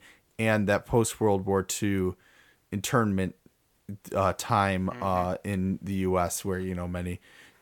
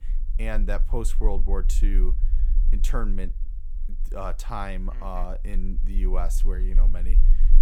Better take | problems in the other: first | low rumble; noticeable; throughout; 15 dB below the speech

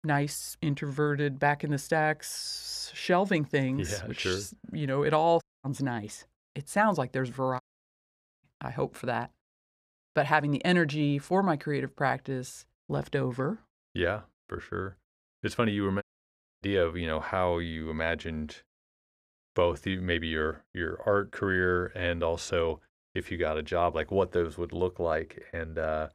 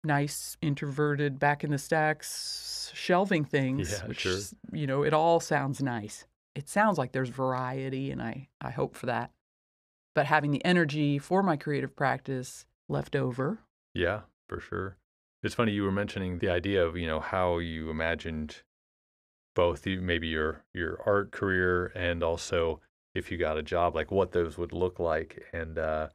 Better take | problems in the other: second | audio cutting out; at 5.5 s, at 7.5 s for 1 s and at 16 s for 0.5 s

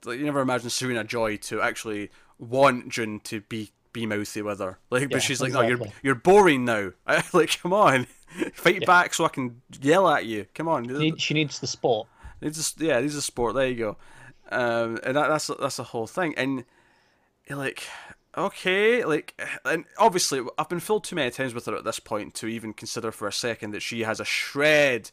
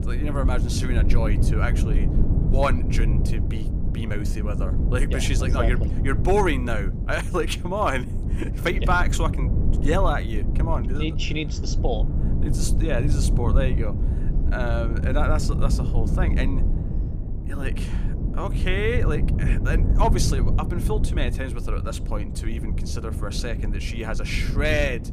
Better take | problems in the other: first | low rumble; loud; throughout; 9 dB below the speech

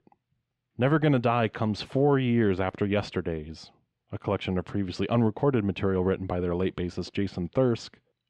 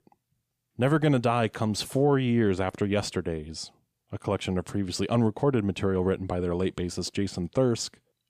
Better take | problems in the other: second | muffled; slightly; fading above 3 kHz

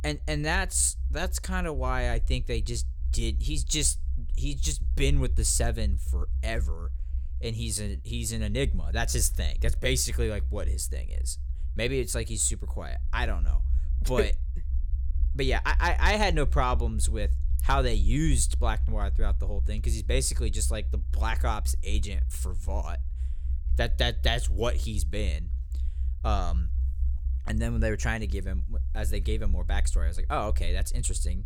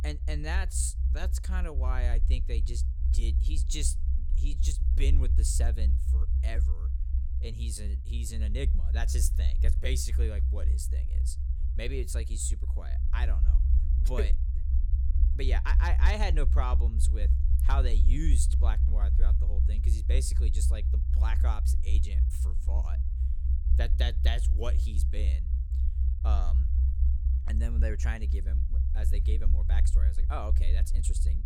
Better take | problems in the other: first | low rumble; loud; throughout; 8 dB below the speech; faint in the first

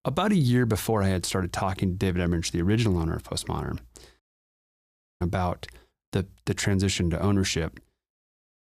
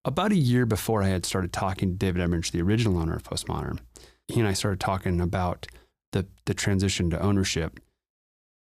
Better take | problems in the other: second | audio cutting out; at 4 s for 1 s

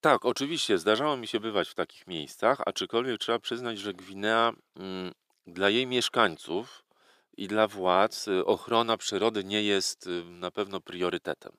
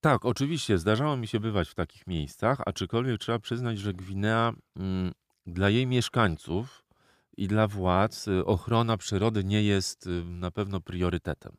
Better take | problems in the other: second | thin; somewhat; fading below 400 Hz

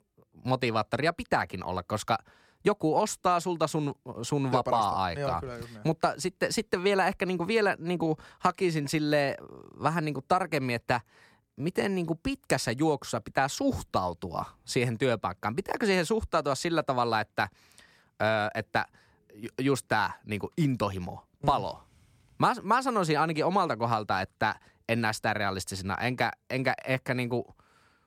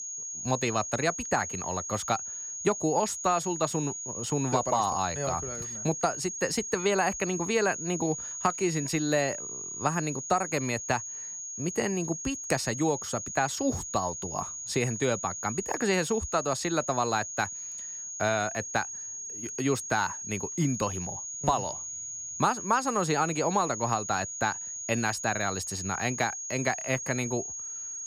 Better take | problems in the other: first | high-pitched whine; loud; throughout; 6.5 kHz, 5 dB below the speech

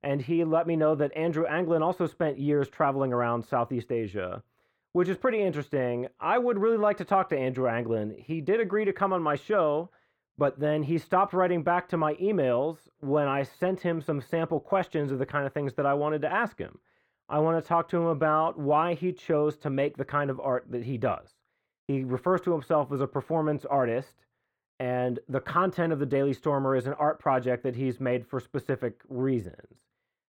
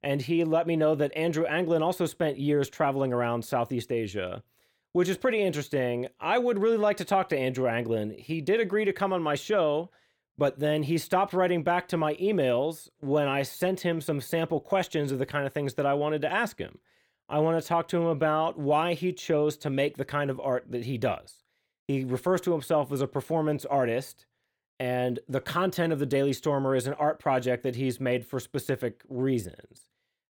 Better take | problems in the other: second | muffled; slightly; fading above 3 kHz

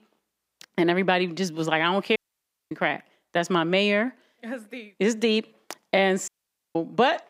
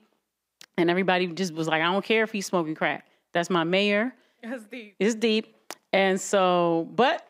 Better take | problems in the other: second | audio cutting out; at 2 s for 0.5 s and at 6.5 s

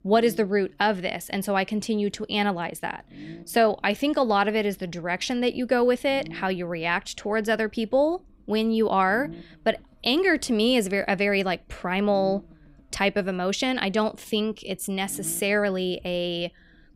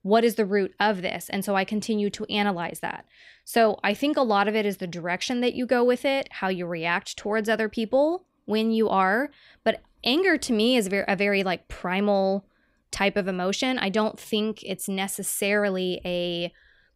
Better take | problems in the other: second | low rumble; faint; throughout; 25 dB below the speech

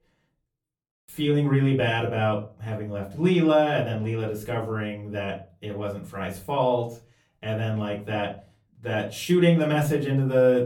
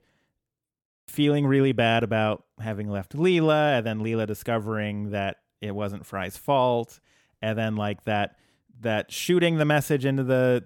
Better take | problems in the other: second | off-mic speech; far // room echo; very slight; dies away in 0.3 s

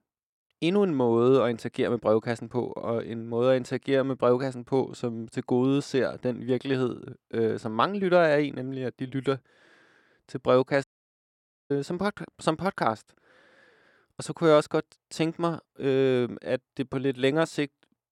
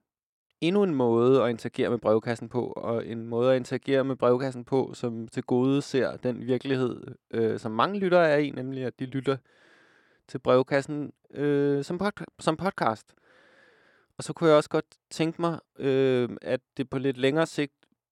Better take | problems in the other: second | audio cutting out; at 11 s for 1 s

